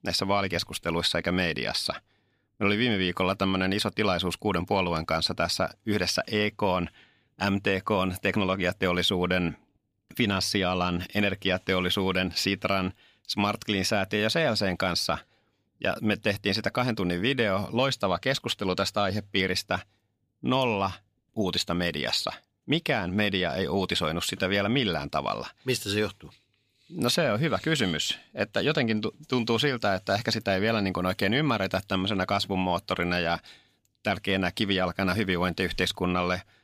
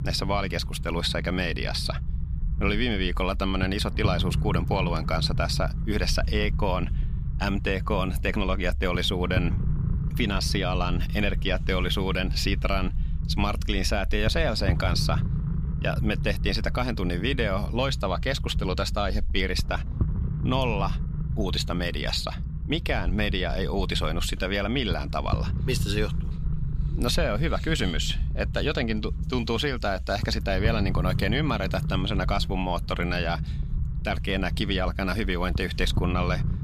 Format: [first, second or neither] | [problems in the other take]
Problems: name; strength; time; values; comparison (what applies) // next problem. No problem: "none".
first | low rumble; noticeable; throughout; 15 dB below the speech